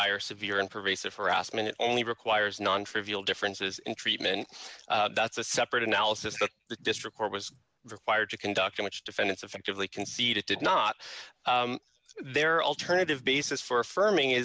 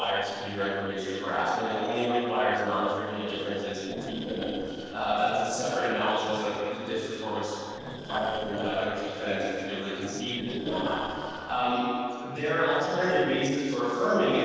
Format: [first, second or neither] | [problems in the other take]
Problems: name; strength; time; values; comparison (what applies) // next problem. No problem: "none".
first | noise reduction (neural separator model SepFormer DNS4)